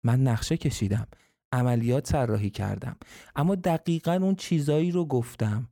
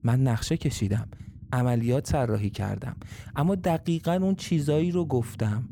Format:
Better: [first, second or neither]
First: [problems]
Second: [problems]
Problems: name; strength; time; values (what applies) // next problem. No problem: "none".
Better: first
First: none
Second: low rumble; faint; throughout; 25 dB below the speech